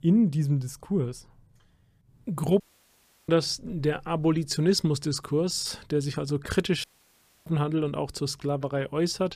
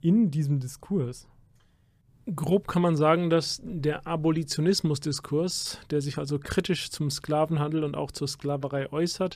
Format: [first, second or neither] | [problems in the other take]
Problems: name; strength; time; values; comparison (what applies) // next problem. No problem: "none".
second | audio cutting out; at 2.5 s for 0.5 s and at 7 s for 0.5 s